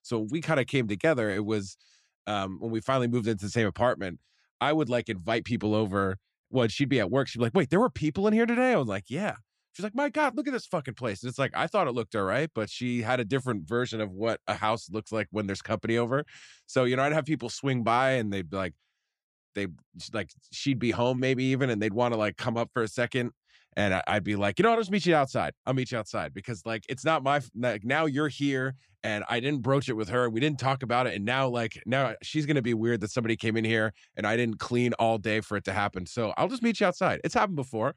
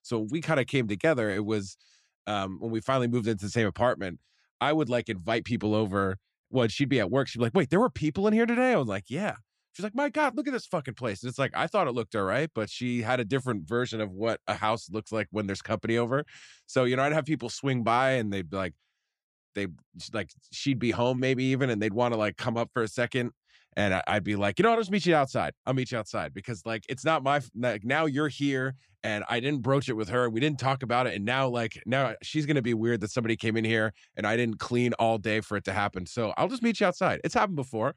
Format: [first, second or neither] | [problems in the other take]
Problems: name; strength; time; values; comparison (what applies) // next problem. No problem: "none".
neither | none